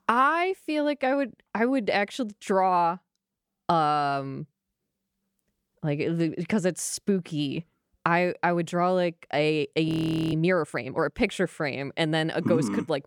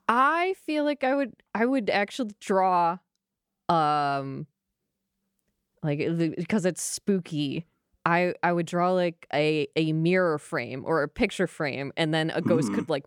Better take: second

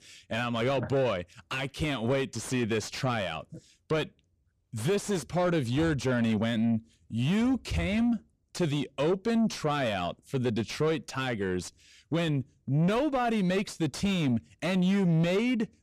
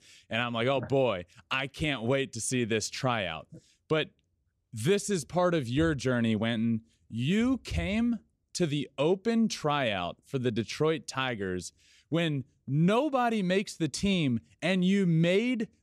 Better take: second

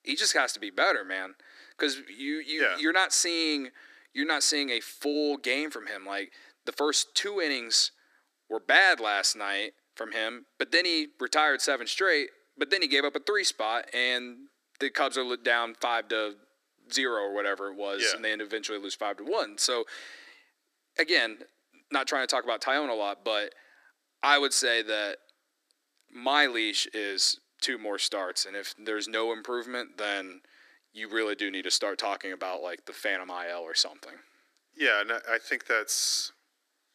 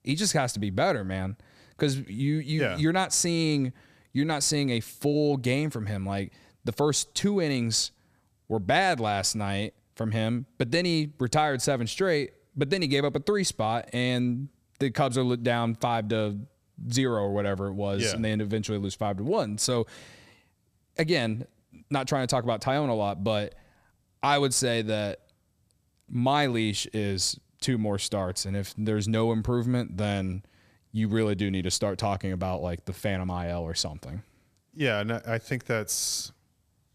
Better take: second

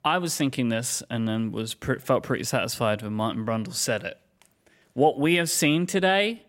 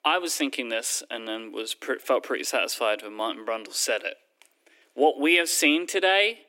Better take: first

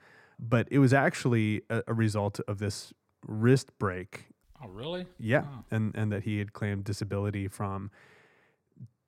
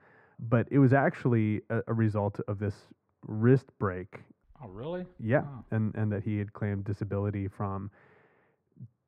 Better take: first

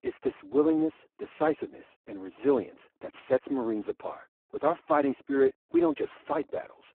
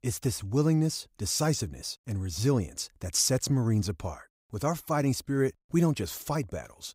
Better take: second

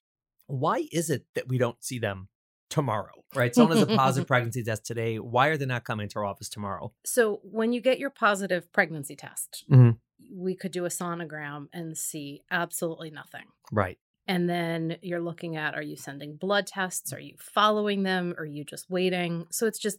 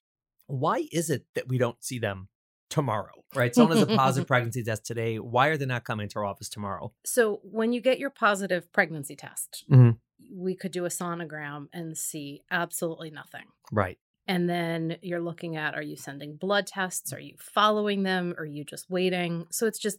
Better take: neither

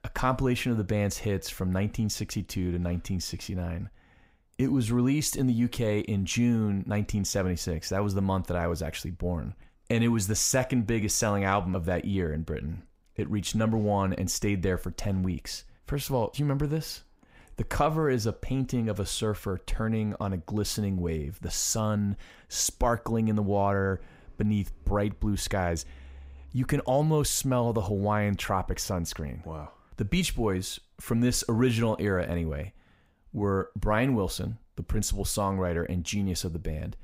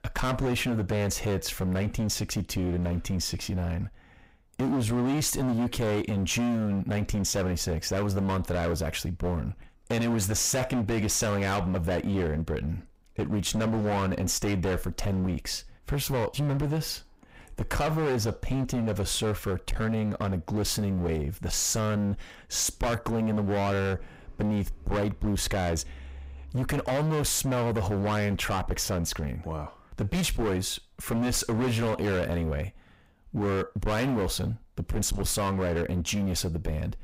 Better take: first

